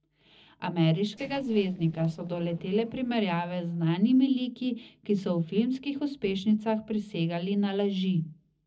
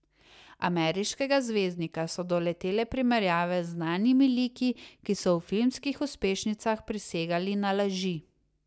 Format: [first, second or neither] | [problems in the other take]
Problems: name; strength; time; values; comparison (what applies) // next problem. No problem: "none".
second | noise reduction (neural separator model SepFormer DNS4)